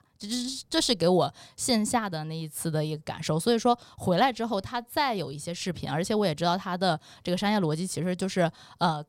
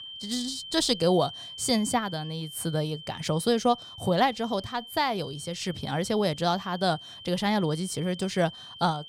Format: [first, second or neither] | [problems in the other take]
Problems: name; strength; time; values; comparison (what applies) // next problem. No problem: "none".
first | high-pitched whine; noticeable; throughout; 3 kHz, 15 dB below the speech